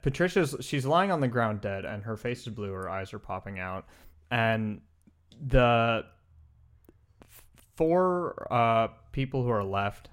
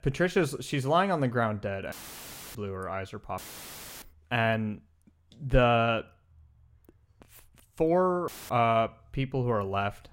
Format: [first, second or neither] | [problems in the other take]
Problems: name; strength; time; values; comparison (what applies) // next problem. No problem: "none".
first | audio cutting out; filled with static; at 2 s for 0.5 s, at 3.5 s for 0.5 s and at 8.5 s